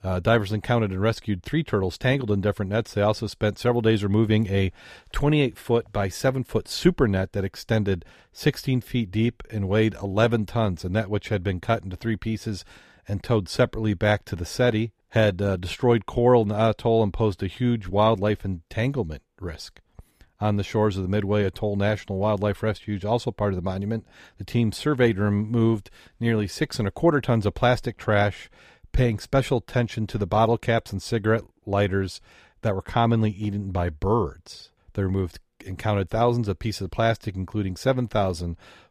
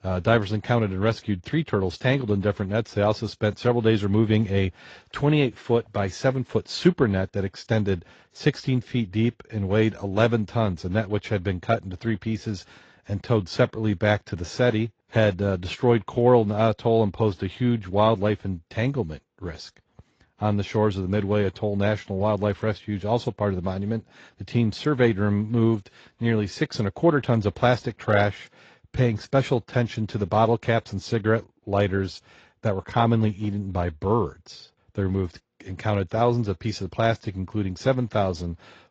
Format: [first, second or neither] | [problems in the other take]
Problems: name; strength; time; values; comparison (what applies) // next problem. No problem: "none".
first | garbled, watery; slightly; nothing above 7.5 kHz